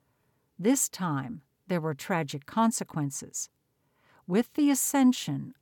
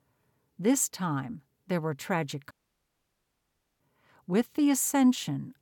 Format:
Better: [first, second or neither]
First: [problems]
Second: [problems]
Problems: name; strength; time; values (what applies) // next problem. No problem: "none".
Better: first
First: none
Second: audio cutting out; at 2.5 s for 1.5 s